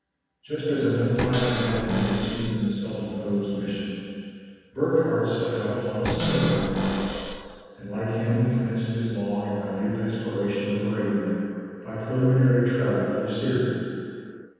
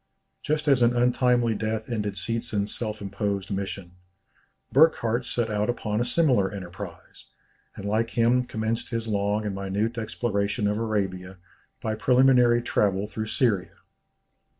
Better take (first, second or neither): second